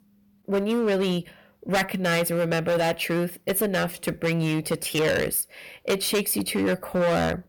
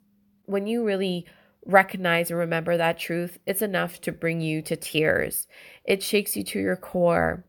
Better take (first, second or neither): second